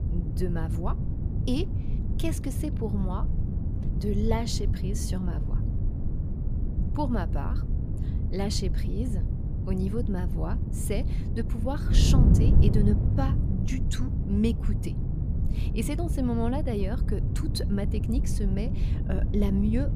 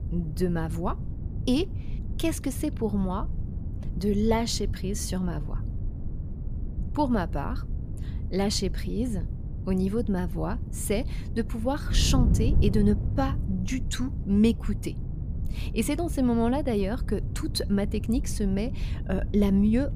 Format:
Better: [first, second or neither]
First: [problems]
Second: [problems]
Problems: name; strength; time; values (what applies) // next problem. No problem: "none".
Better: second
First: wind noise on the microphone; heavy; 5 dB below the speech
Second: wind noise on the microphone; occasional gusts; 15 dB below the speech